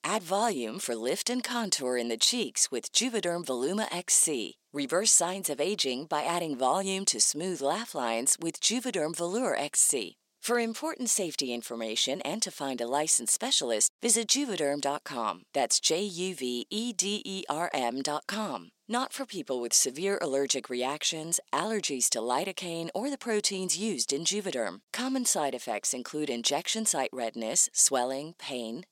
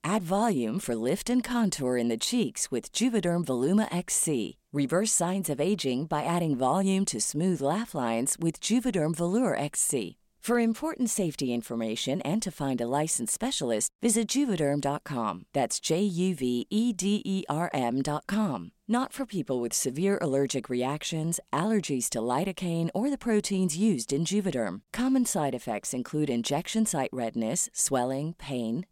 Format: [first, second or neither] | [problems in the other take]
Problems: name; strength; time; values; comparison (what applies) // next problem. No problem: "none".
second | thin; somewhat; fading below 350 Hz